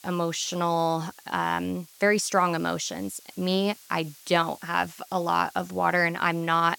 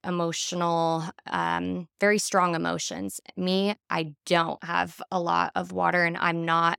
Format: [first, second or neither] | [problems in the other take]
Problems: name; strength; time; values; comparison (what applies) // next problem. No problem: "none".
second | hiss; faint; throughout; 25 dB below the speech